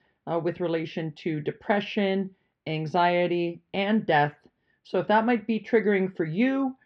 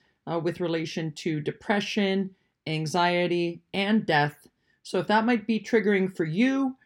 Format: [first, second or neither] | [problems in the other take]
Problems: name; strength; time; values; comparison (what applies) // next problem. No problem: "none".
second | muffled; slightly; fading above 3.5 kHz